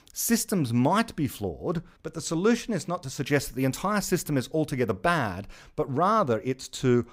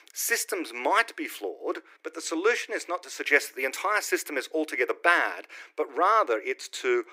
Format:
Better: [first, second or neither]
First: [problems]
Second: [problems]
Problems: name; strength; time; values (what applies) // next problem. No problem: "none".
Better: first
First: none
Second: thin; very; fading below 300 Hz